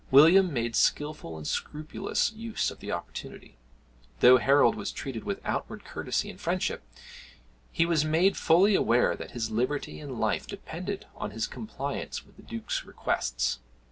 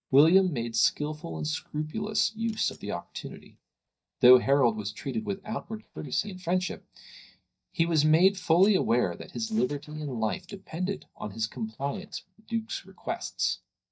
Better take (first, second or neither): first